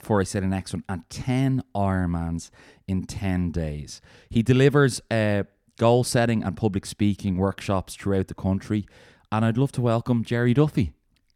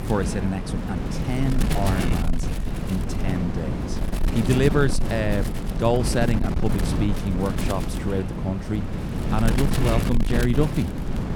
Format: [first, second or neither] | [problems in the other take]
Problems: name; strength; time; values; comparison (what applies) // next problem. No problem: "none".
first | wind noise on the microphone; heavy; 4 dB below the speech